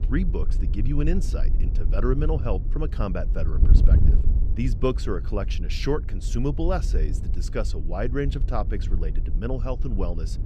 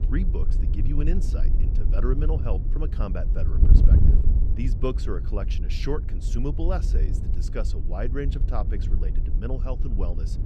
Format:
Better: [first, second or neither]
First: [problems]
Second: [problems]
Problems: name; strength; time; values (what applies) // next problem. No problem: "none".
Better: first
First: wind noise on the microphone; occasional gusts; 10 dB below the speech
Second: wind noise on the microphone; heavy; 6 dB below the speech